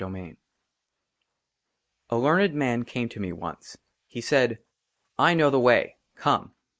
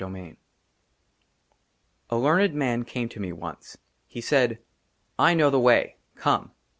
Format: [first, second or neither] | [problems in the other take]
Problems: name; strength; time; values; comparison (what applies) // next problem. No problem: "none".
second | noise reduction (neural mask model Resemble Enhance denoiser)